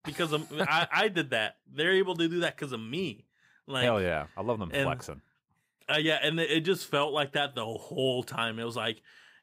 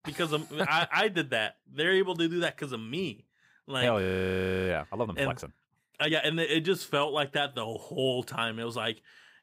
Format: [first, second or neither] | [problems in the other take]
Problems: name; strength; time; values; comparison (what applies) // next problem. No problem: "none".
first | audio freezing; at 4 s for 0.5 s